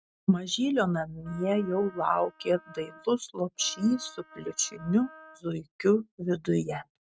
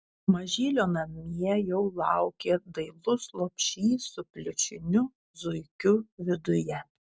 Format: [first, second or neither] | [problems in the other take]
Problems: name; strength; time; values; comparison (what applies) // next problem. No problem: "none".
second | noise reduction (neural mask model RNNoise)